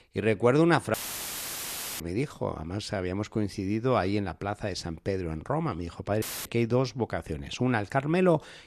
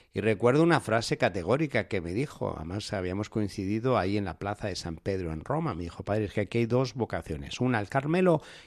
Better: second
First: audio cutting out; filled with static; at 1 s for 1 s and at 6 s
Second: none

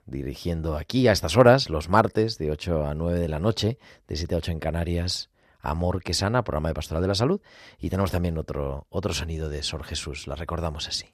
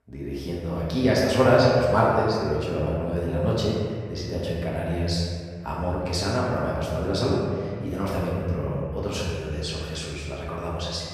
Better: first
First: none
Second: room echo; strong; dies away in 2 s // off-mic speech; far

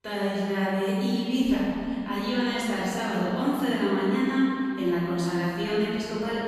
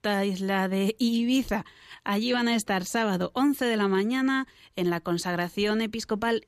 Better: second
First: room echo; strong; dies away in 2.6 s // off-mic speech; far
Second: none

